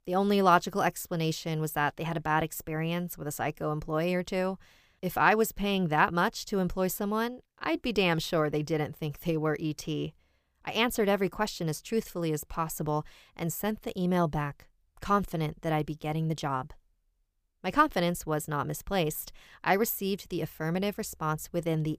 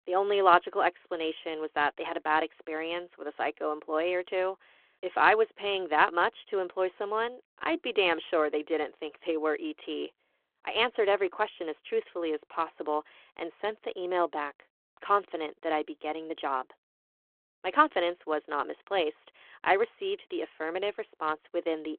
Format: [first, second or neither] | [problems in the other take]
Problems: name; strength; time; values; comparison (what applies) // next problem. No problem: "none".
first | phone-call audio